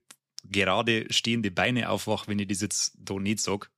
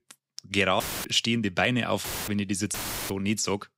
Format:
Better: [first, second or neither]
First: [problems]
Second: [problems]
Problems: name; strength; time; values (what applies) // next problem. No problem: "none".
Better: first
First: none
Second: audio cutting out; filled with static; at 1 s, at 2 s and at 2.5 s